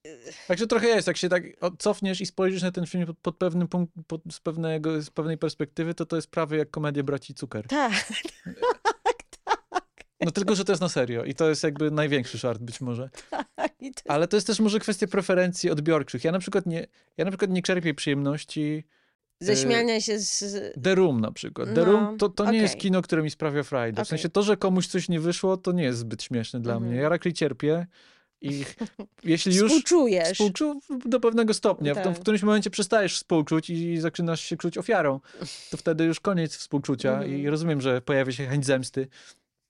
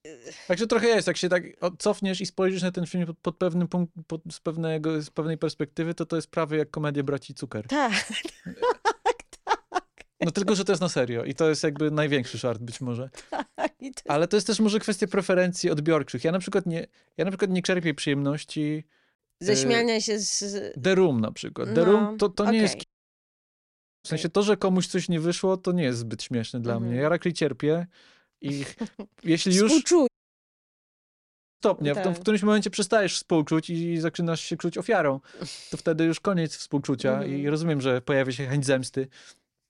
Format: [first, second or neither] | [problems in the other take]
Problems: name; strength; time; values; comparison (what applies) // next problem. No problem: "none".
first | audio cutting out; at 23 s for 1 s and at 30 s for 1.5 s